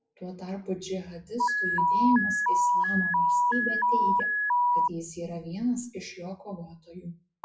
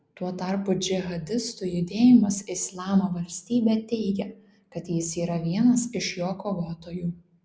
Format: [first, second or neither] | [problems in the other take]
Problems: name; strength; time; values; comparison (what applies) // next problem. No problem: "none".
second | noise reduction (classical method WPE with log-MMSE)